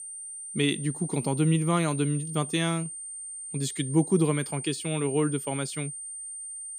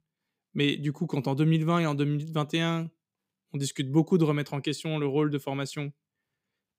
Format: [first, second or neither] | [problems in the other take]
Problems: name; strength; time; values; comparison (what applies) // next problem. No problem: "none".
second | high-pitched whine; loud; throughout; 9 kHz, 8 dB below the speech